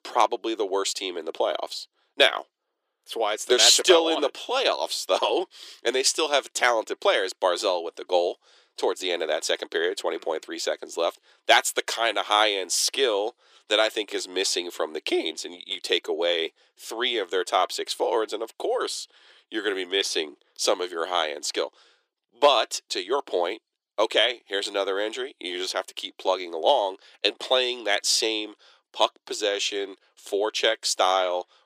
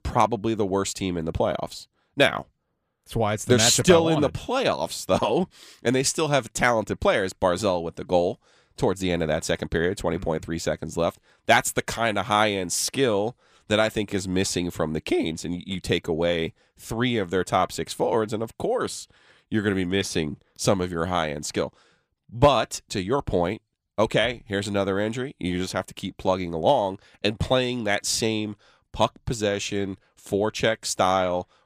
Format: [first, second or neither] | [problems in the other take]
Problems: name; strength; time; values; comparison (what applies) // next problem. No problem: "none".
second | thin; very; fading below 350 Hz